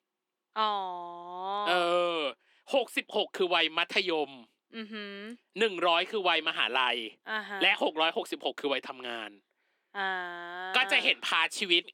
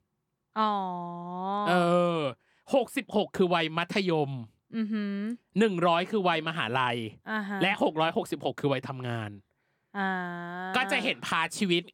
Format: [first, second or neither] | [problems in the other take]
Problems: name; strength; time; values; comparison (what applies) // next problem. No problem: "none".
second | thin; somewhat; fading below 300 Hz